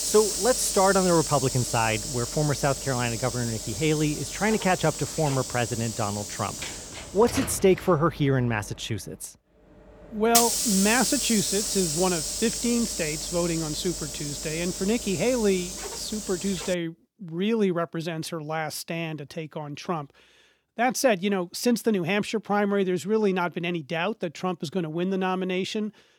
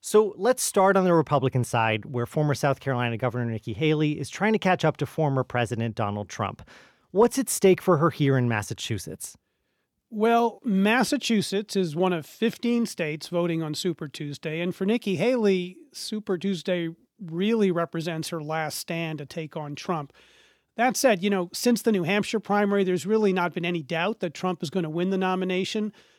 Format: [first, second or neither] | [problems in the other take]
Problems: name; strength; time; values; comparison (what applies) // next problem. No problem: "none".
second | hiss; loud; until 17 s; 3 dB below the speech